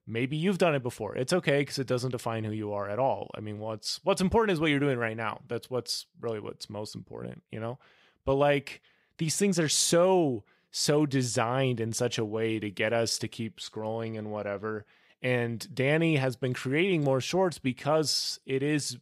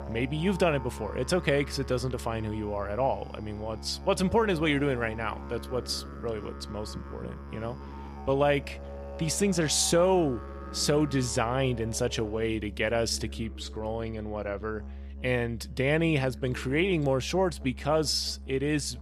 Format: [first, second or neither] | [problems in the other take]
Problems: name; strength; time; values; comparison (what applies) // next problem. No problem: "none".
first | background music; noticeable; throughout; 15 dB below the speech